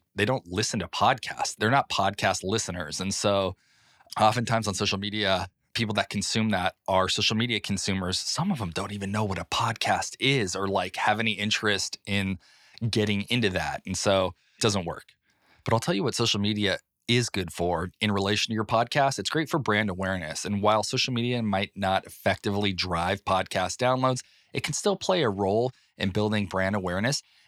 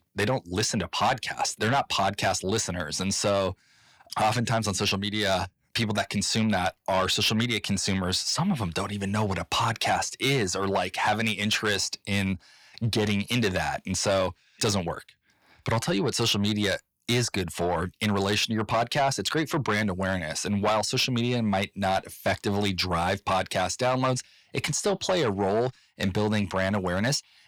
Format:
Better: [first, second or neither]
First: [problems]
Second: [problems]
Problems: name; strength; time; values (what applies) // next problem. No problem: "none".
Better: first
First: none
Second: distortion; slight; 10 dB below the speech